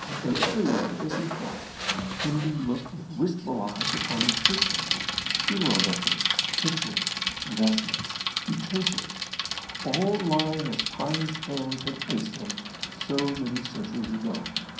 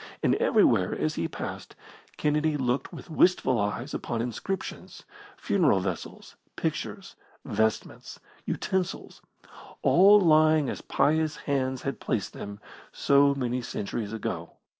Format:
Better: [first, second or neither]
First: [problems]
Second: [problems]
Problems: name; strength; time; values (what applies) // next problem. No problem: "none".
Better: second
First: background sound (Bicycle); as loud as the speech // room echo; dies away in 0.6 s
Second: none